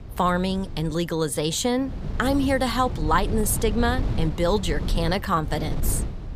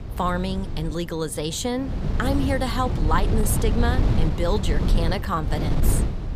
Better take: first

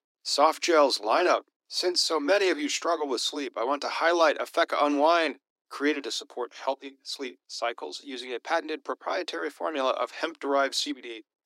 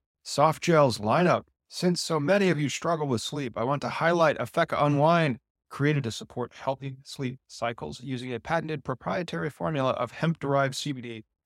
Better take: second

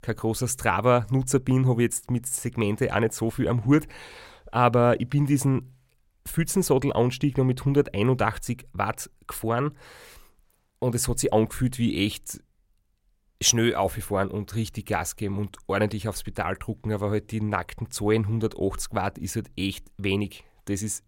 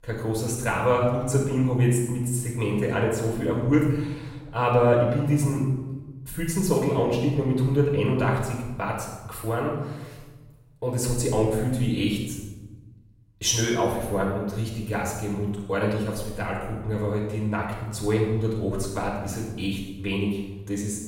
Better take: first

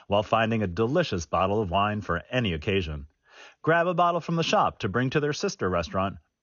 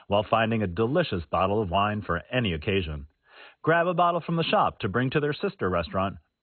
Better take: first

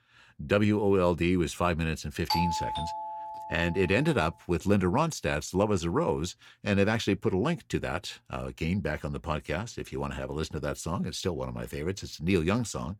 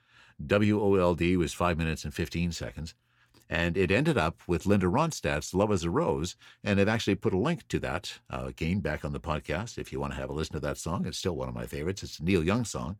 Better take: second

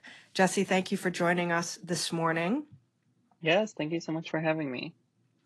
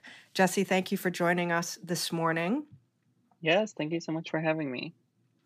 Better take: second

